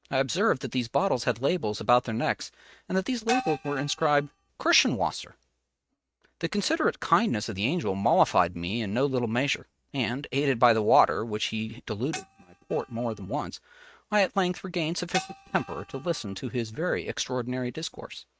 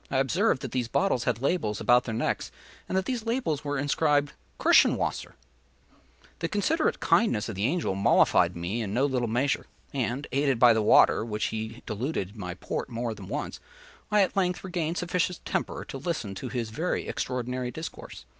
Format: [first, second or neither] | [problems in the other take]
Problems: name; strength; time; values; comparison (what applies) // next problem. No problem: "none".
second | noise reduction (neural mask model RNNoise)